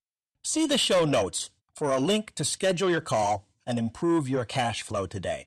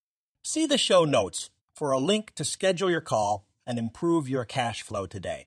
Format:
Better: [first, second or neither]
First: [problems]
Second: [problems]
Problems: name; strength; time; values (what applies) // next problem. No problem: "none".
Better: second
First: distortion; slight; 10 dB below the speech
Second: none